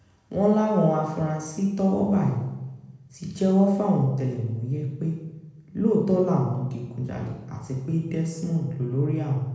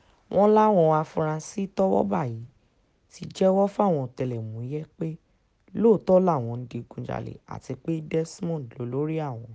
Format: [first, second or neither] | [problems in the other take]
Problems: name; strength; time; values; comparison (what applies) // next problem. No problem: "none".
second | room echo; dies away in 1 s